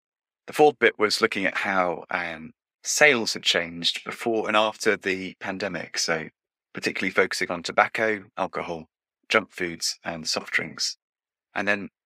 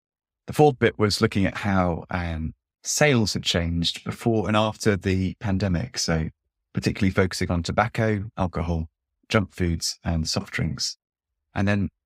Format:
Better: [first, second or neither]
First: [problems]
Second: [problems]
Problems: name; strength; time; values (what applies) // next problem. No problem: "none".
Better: second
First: thin; somewhat; fading below 400 Hz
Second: none